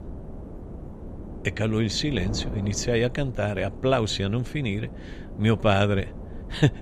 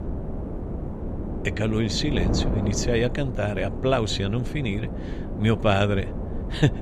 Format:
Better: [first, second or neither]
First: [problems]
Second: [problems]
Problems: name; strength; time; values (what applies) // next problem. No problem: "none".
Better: first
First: wind noise on the microphone; occasional gusts; 15 dB below the speech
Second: wind noise on the microphone; heavy; 10 dB below the speech